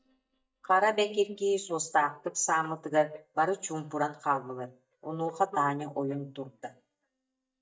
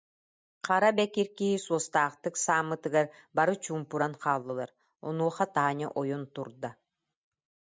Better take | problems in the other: second | noise reduction (neural mask model DeepFilterNet 3)

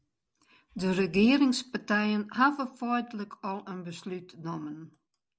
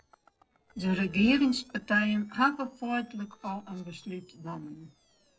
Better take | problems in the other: first | noise reduction (neural separator model SepFormer DNS4)

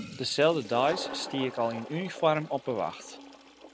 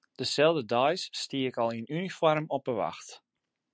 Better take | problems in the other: second | background sound (Toilet flush); 12 dB below the speech

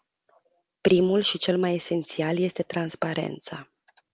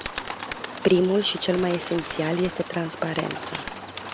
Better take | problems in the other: first | background sound (Bird); 9 dB below the speech

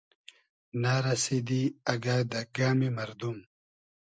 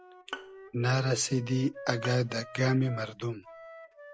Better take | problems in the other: first | background sound (Bowed string instrument + Wind instrument, woodwind instrument); 15 dB below the speech

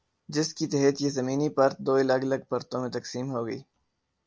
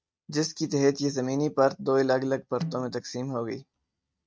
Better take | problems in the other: first | noise reduction (neural mask model RNNoise)

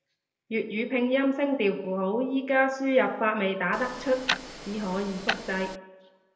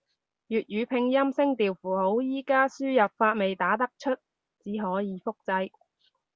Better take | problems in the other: second | background sound (Tick-tock); 7 dB below the speech // room echo; dies away in 0.9 s

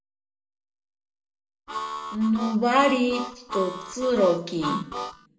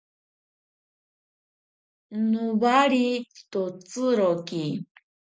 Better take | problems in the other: second | background sound (Harmonica); 7 dB below the speech // room echo; dies away in 0.6 s

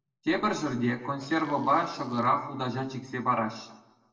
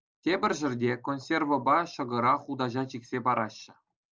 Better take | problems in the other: second | noise reduction (neural separator model SepFormer DNS4)

